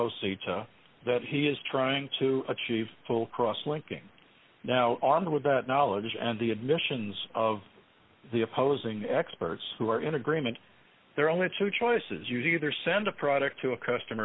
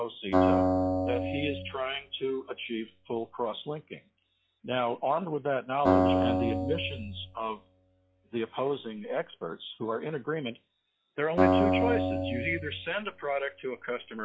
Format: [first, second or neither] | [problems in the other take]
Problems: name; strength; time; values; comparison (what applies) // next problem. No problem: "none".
first | noise reduction (classical method log-MMSE)